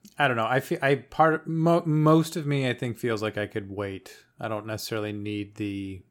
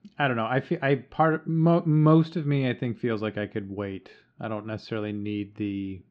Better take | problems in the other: first | muffled; slightly; fading above 4 kHz

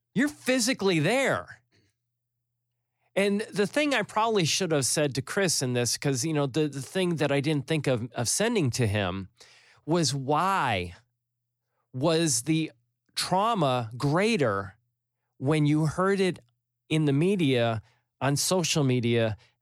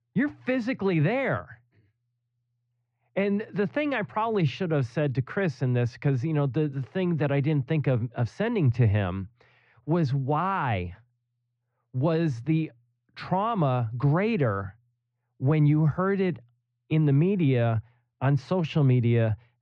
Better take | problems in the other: first | muffled; very; fading above 2.5 kHz

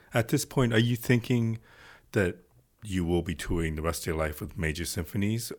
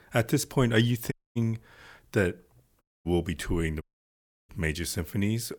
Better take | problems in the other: first | audio cutting out; at 1 s, at 3 s and at 4 s for 0.5 s

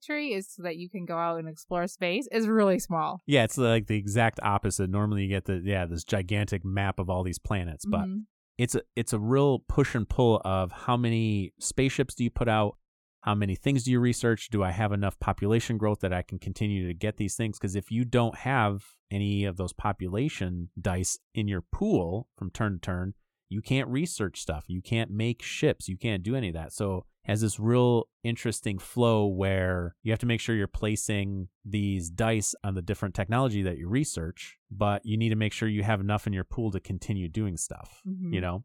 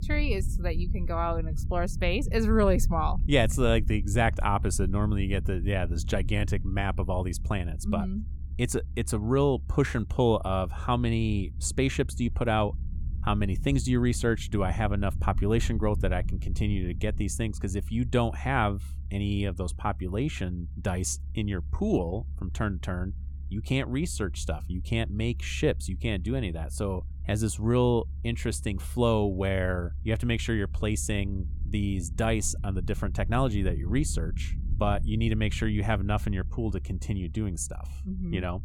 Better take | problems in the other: first | low rumble; faint; throughout; 20 dB below the speech

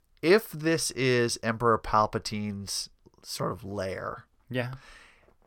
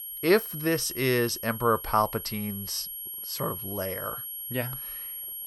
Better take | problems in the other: first | high-pitched whine; loud; throughout; 11.5 kHz, 7 dB below the speech

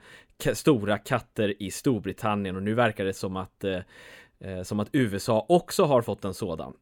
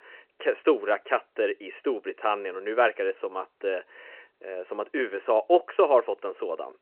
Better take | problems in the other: first | phone-call audio

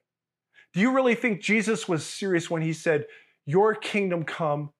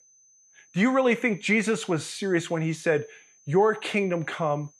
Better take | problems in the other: first | high-pitched whine; faint; throughout; 6 kHz, 30 dB below the speech

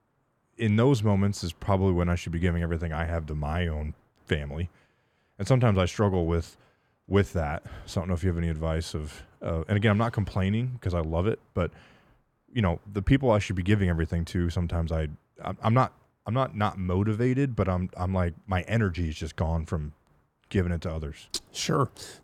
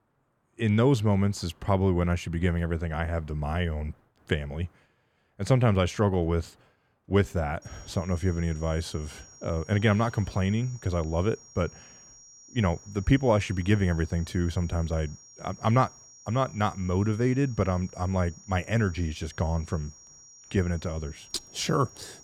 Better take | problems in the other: first | high-pitched whine; faint; from 7.5 s on; 5.5 kHz, 20 dB below the speech

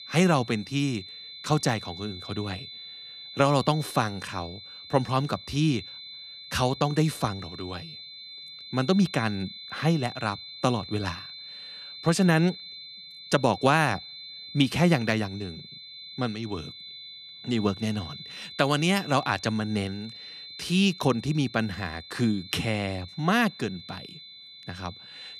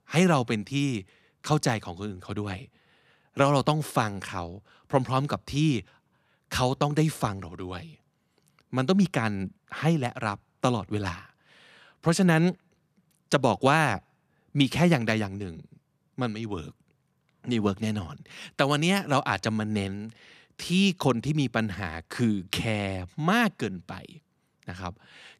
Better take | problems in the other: second | high-pitched whine; noticeable; throughout; 4 kHz, 15 dB below the speech

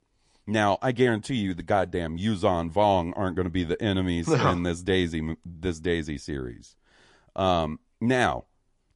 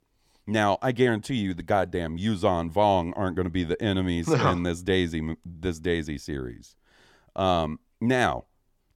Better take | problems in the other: second | garbled, watery; slightly; nothing above 9.5 kHz

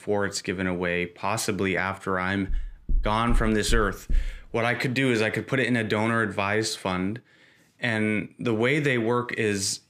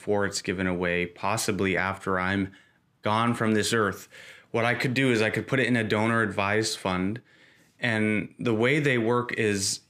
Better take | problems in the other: second | door banging; noticeable; from 2.5 to 4.5 s; peak 7 dB below the speech

